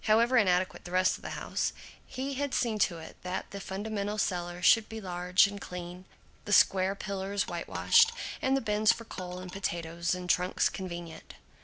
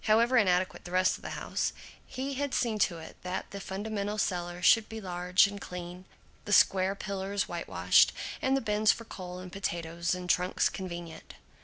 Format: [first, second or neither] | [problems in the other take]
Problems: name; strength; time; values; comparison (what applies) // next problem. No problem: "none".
second | background sound (Coin (dropping)); 14 dB below the speech